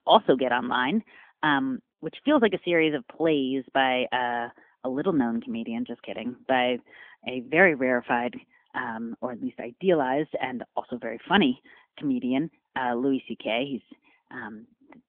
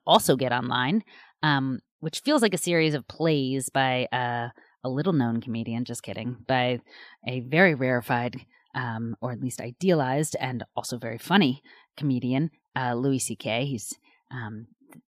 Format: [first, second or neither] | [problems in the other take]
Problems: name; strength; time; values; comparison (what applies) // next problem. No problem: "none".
second | phone-call audio; nothing above 3.5 kHz